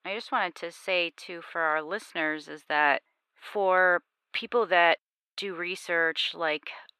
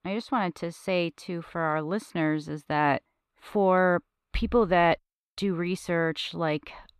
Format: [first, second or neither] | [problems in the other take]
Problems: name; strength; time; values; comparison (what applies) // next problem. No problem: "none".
second | thin; very; fading below 500 Hz